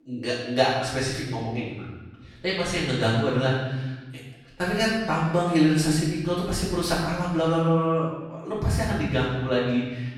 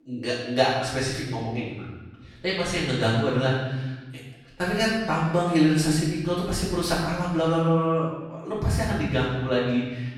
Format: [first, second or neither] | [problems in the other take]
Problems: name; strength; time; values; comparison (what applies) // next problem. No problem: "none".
neither | off-mic speech; far; the same in both // room echo; noticeable; dies away in 1.1 s; the same in both